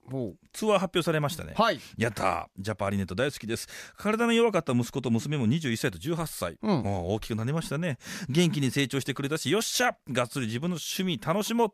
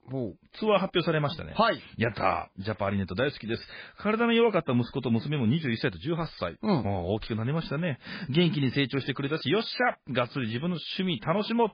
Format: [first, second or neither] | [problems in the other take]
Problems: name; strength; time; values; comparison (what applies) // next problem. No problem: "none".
first | garbled, watery; badly; nothing above 4.5 kHz